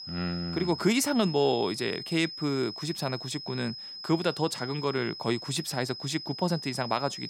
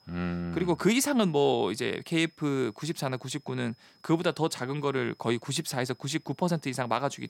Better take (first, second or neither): second